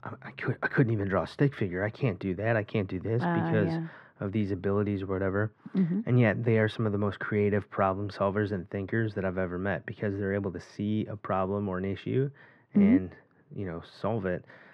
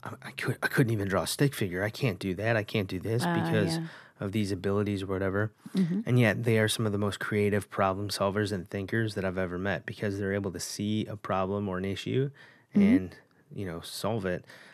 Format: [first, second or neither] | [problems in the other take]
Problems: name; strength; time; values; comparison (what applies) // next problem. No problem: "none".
second | muffled; very; fading above 2 kHz